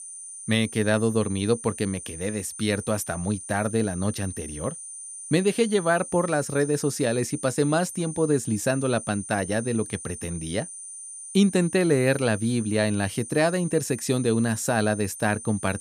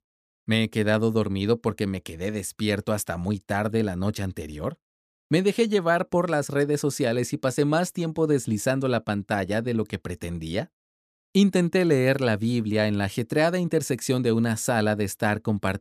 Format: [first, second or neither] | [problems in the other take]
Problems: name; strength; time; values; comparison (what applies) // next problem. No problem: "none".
second | high-pitched whine; noticeable; throughout; 9 kHz, 10 dB below the speech